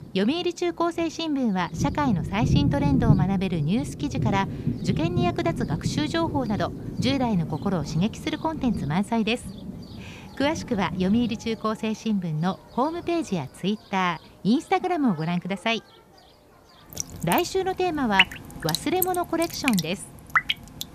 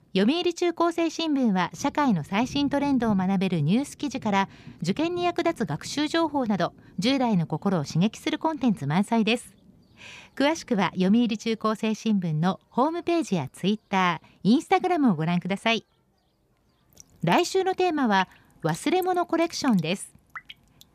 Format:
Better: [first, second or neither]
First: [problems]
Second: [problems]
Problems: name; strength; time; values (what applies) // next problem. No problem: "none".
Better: second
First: rain or running water; loud; throughout; 3 dB below the speech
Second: rain or running water; faint; throughout; 20 dB below the speech